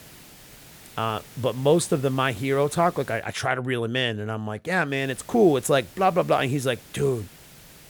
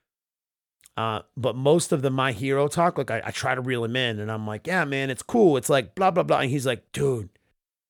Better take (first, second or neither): second